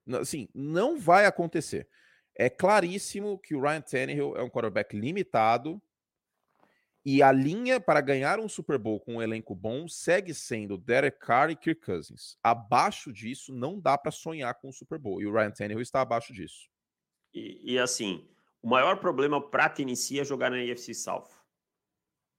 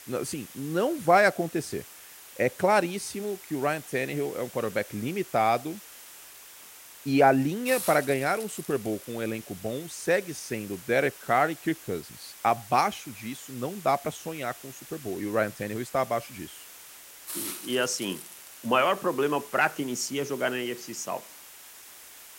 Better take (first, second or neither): first